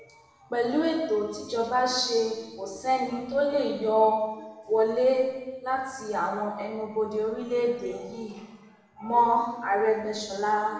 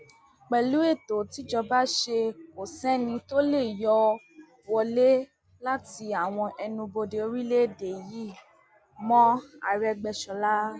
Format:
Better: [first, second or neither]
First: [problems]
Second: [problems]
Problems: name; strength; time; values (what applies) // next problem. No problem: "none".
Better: second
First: room echo; dies away in 1.2 s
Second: none